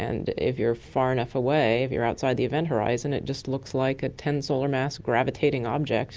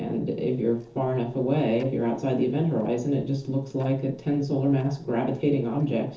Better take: first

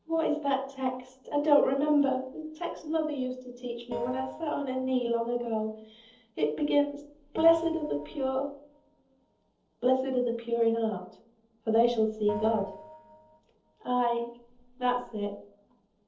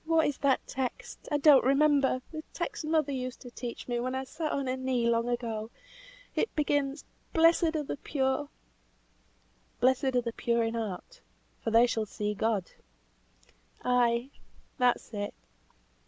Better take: second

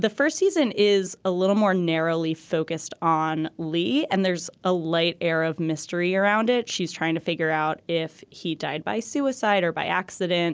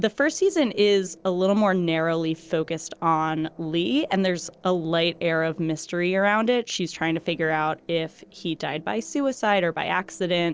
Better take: first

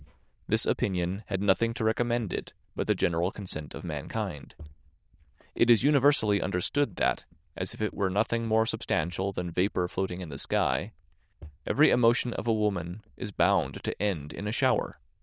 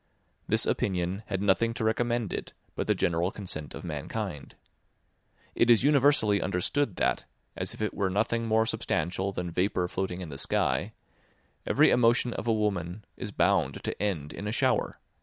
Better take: second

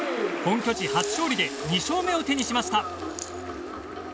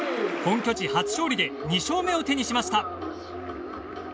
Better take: second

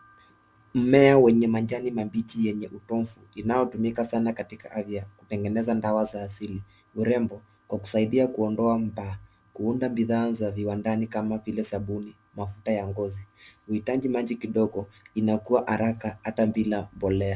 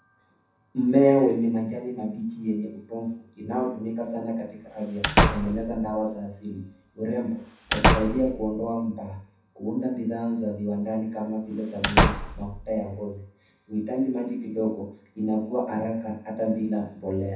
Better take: first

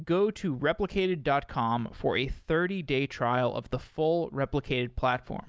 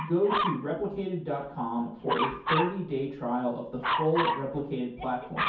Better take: first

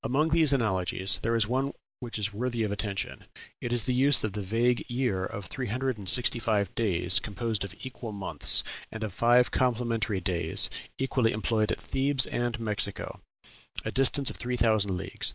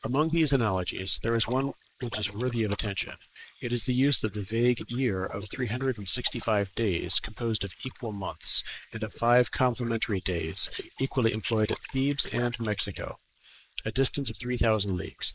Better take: first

